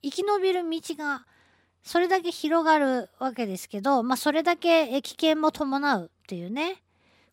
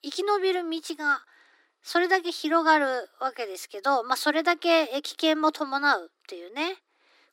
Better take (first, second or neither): first